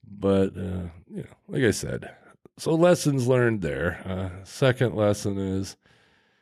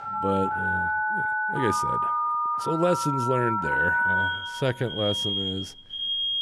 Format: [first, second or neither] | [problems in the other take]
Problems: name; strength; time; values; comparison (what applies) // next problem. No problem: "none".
first | alarms or sirens; very loud; throughout; 3 dB above the speech